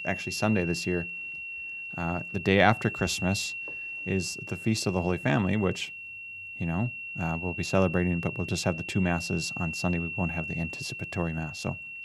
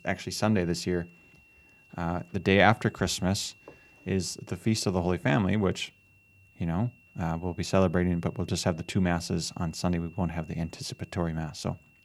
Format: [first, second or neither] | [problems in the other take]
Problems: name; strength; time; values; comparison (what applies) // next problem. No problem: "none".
second | high-pitched whine; loud; throughout; 2.5 kHz, 6 dB below the speech; faint in the second